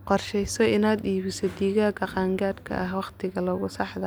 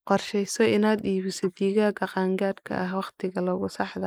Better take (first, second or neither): first